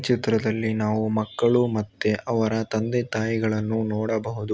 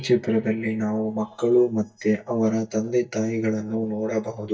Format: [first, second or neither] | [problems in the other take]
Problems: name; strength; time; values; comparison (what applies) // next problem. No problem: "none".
first | noise reduction (neural mask model DeepFilterNet 3)